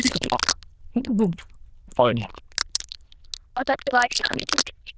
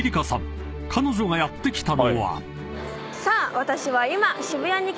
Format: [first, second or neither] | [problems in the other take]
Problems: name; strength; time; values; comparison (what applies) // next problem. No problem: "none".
second | noise reduction (neural diffusion model UNIVERSE++)